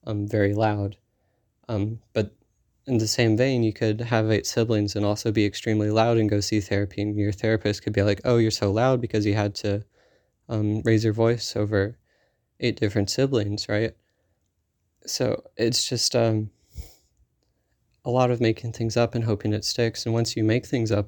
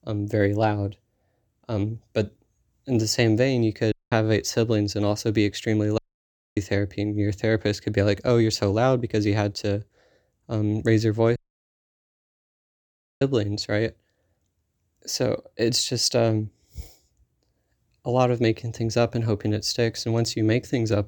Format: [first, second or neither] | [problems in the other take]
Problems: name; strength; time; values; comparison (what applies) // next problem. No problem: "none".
first | audio cutting out; at 4 s, at 6 s for 0.5 s and at 11 s for 2 s